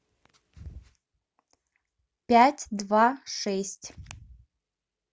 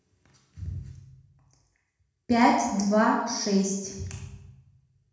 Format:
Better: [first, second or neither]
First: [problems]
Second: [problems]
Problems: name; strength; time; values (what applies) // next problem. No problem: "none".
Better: first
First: none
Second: room echo; dies away in 1 s